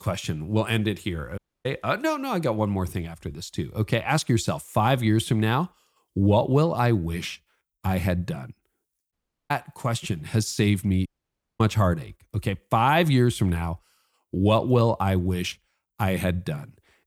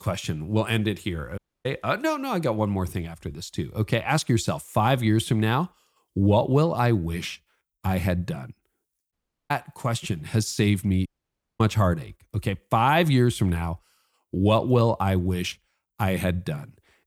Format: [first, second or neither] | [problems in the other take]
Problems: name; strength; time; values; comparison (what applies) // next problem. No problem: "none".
neither | audio cutting out; at 1.5 s, at 9 s and at 11 s for 0.5 s; the same in both